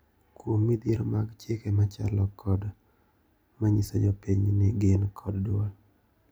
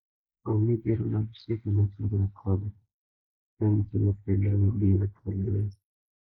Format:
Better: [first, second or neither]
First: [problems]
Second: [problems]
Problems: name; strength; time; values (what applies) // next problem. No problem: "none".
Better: first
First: none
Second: noise reduction (neural mask model Resemble Enhance denoiser)